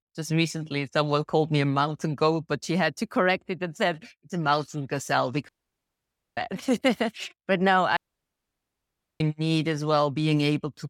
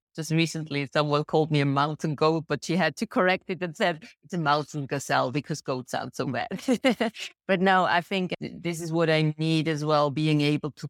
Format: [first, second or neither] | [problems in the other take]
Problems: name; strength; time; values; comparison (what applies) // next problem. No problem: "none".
second | audio cutting out; at 5.5 s for 1 s and at 8 s for 1 s